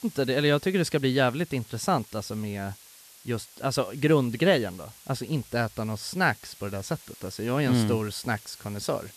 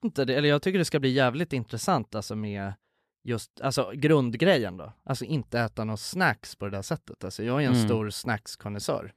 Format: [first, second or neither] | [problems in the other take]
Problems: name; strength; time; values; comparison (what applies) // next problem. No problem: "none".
second | hiss; faint; throughout; 20 dB below the speech